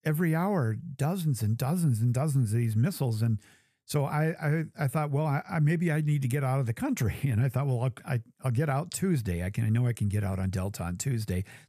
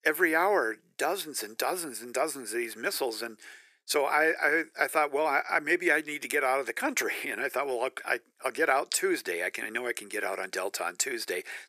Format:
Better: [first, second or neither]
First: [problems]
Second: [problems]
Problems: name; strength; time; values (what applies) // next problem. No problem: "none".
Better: first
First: none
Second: thin; very; fading below 350 Hz